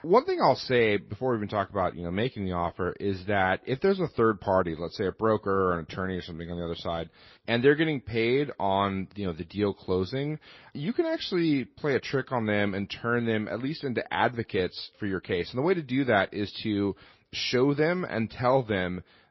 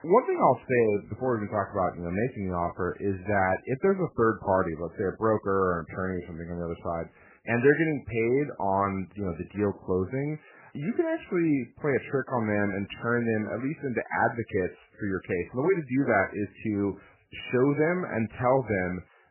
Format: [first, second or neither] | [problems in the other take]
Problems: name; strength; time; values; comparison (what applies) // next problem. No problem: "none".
first | garbled, watery; badly; nothing above 3 kHz; slightly in the first